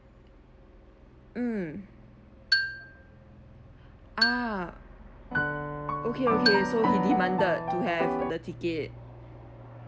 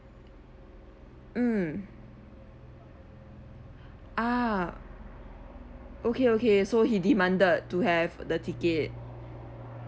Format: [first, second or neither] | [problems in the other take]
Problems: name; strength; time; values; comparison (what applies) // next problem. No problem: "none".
second | background sound (Marimba, xylophone + Piano); 3 dB above the speech